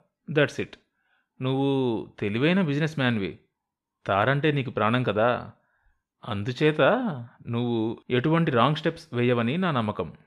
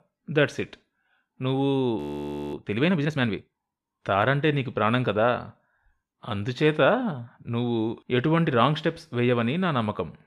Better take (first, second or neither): first